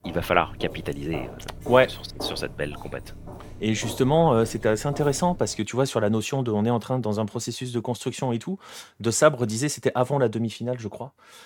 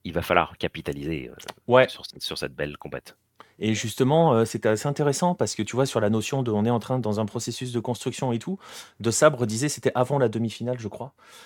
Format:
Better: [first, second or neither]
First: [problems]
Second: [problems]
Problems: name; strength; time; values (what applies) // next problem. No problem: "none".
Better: second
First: footsteps; faint; until 5.5 s; peak 10 dB below the speech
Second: none